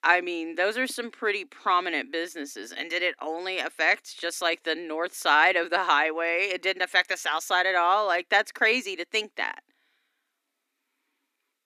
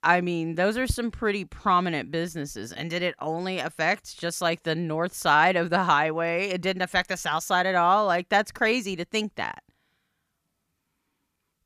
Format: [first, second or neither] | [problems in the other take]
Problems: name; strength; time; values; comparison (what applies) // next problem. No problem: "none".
second | thin; somewhat; fading below 250 Hz